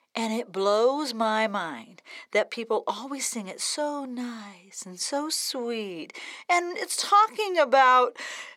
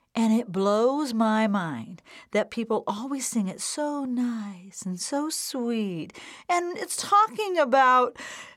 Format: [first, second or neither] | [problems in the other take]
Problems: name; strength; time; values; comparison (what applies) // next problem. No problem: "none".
second | thin; somewhat; fading below 400 Hz